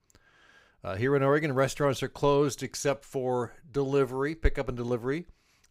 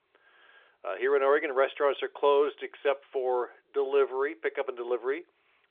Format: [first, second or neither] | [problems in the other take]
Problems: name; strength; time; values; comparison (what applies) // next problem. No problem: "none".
first | phone-call audio; nothing above 3.5 kHz